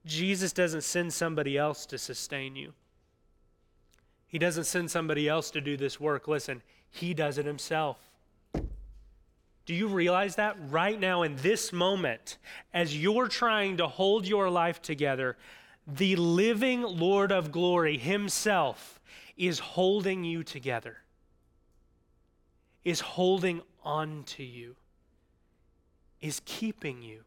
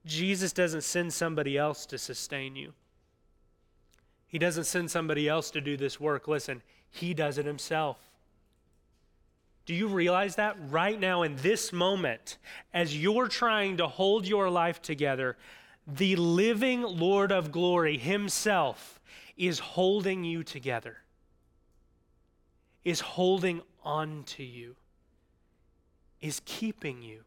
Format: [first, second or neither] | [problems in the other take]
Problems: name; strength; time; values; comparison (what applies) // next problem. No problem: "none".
second | door banging; noticeable; at 8.5 s; peak 9 dB below the speech